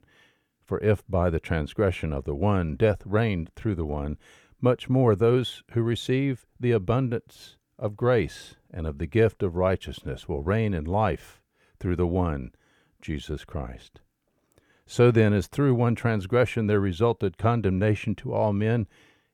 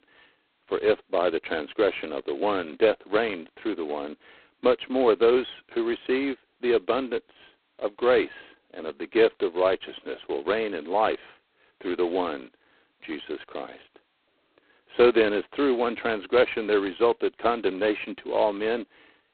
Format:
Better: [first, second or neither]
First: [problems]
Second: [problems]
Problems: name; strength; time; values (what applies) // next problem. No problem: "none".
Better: first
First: none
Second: phone-call audio; poor line; nothing above 4 kHz